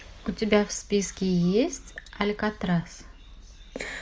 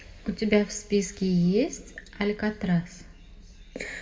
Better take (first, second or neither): first